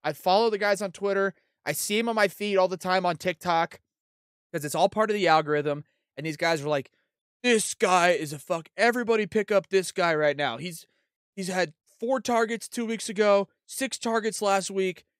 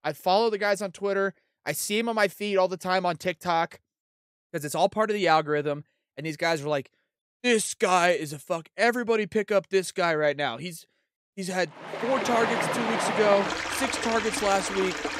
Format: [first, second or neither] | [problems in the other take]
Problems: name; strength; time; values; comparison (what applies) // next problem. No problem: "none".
first | rain or running water; loud; from 12 s on; 3 dB below the speech